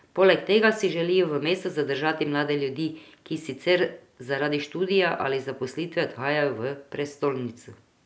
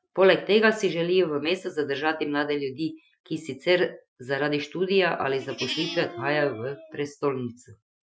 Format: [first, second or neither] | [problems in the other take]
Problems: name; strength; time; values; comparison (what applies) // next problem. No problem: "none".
first | noise reduction (classical method Wiener filter)